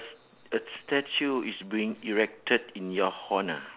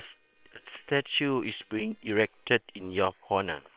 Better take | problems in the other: first | noise reduction (neural separator model SepFormer WHAM!)

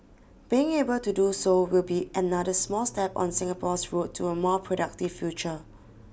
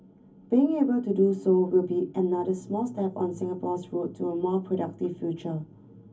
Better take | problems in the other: first | room echo; dies away in 0.3 s

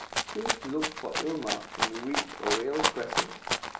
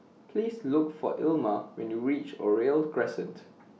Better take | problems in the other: second | background sound (Rattle (instrument)); 3 dB above the speech

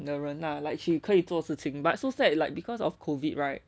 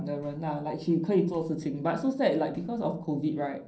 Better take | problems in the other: first | noise reduction (neural separator model SepFormer DNS4)

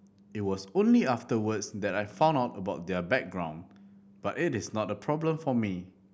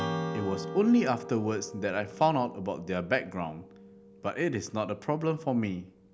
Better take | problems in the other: first | background sound (Strum); 11 dB below the speech

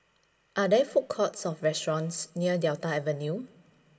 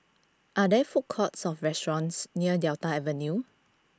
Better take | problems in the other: second | room echo; dies away in 0.9 s

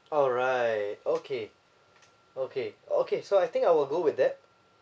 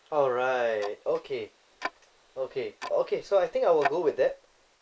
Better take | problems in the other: first | noise reduction (neural mask model Resemble Enhance denoiser)

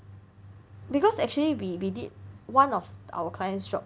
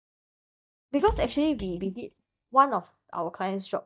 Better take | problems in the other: first | noise reduction (neural mask model DeepFilterNet 3)

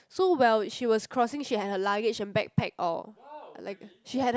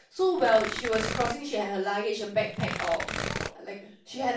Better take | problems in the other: first | background sound (Tearing); 6 dB below the speech // room echo; dies away in 0.3 s

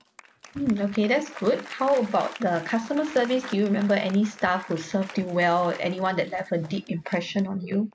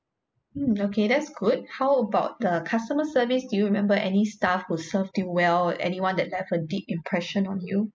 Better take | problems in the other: second | background sound (Applause); 19 dB below the speech

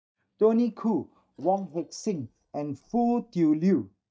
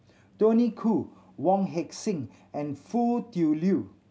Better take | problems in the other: second | noise reduction (neural mask model DeepFilterNet 3)

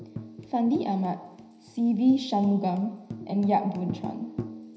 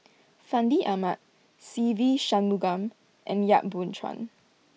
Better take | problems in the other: second | background sound (Tambourine); 13 dB below the speech // room echo; dies away in 0.9 s

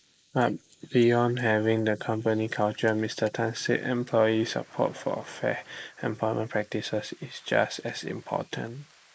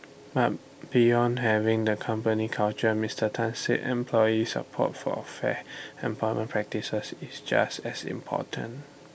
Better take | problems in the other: second | noise reduction (neural mask model Resemble Enhance denoiser)

